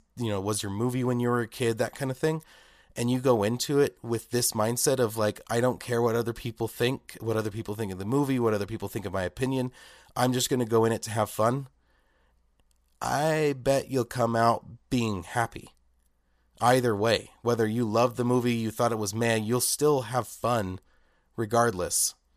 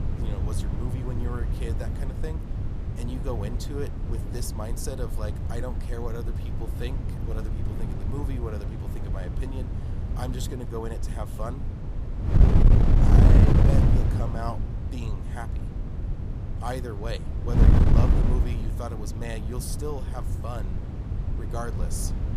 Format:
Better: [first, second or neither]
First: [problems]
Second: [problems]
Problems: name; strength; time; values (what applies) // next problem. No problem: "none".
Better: first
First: none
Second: wind noise on the microphone; heavy; as loud as the speech